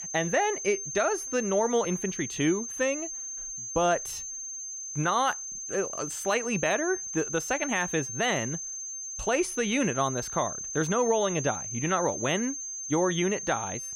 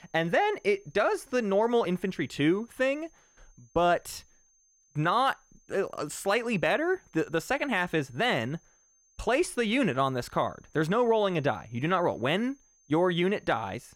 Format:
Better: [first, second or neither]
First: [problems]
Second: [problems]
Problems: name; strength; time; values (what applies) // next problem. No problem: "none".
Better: second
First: high-pitched whine; loud; throughout; 6.5 kHz, 5 dB below the speech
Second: high-pitched whine; faint; throughout; 6.5 kHz, 35 dB below the speech